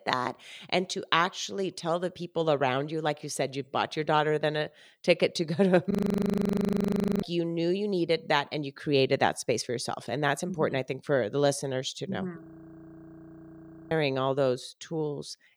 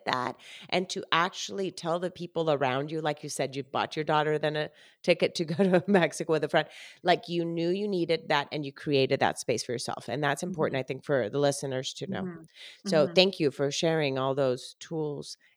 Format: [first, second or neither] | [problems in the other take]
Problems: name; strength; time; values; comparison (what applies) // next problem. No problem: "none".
second | audio freezing; at 6 s for 1.5 s and at 12 s for 1.5 s